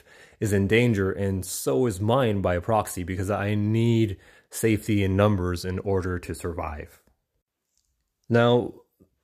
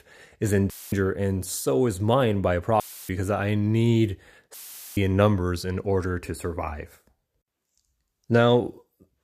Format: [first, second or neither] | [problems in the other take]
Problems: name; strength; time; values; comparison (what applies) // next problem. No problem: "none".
first | audio cutting out; filled with static; at 0.5 s, at 3 s and at 4.5 s